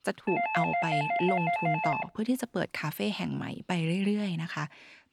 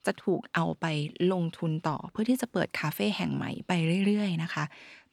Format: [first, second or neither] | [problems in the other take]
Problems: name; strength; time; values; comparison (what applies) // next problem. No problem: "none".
second | doorbell; loud; until 2 s; peak 3 dB above the speech